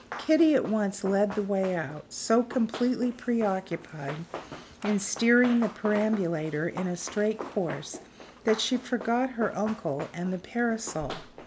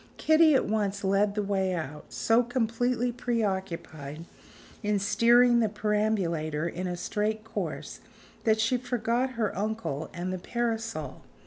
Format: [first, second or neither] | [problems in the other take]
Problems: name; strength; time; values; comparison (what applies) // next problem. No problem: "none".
second | background sound (Run); 15 dB below the speech